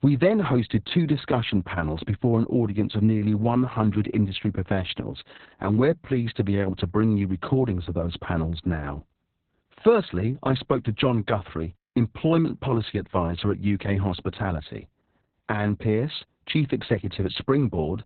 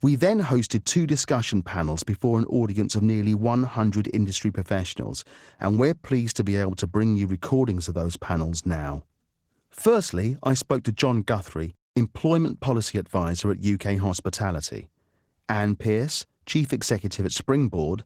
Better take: second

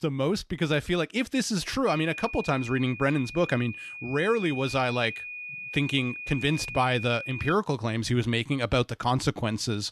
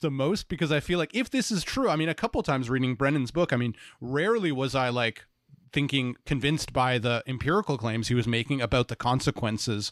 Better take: second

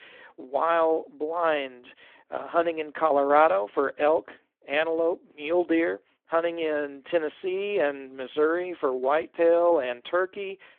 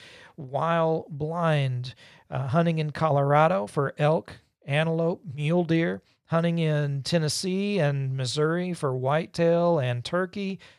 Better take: second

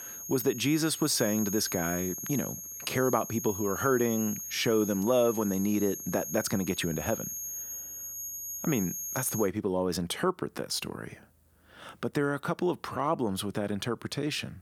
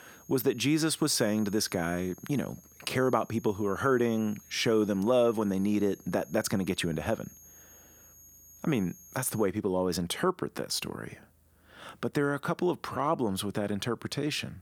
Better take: second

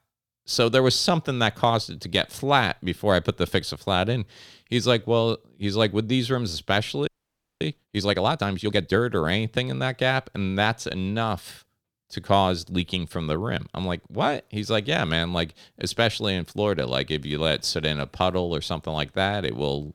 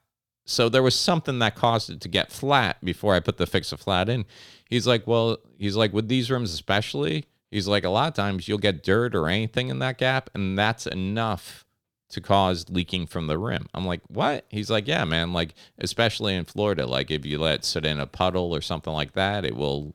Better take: second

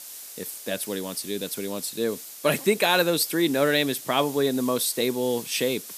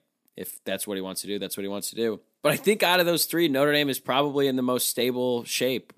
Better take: second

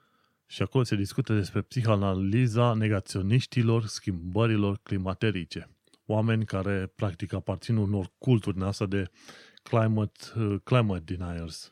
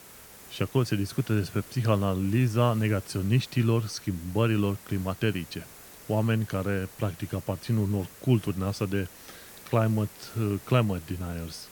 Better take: first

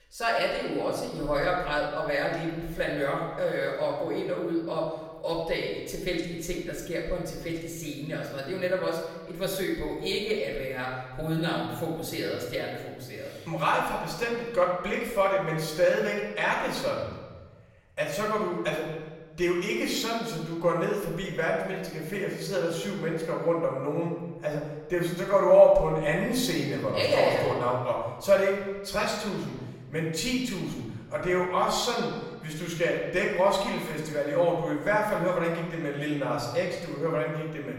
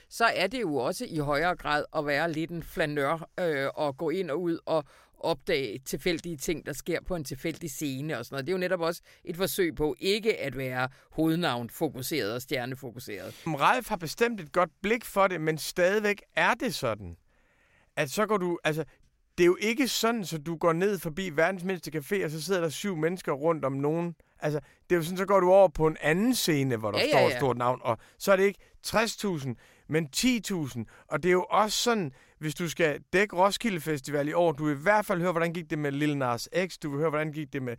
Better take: second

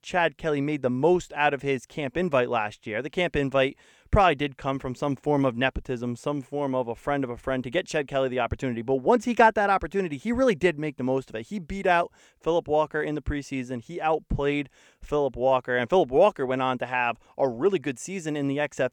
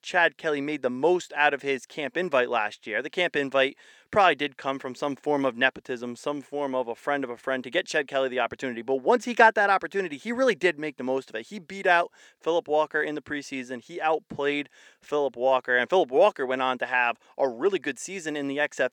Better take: first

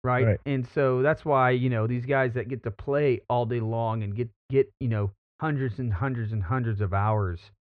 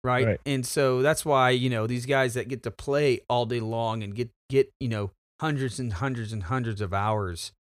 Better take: second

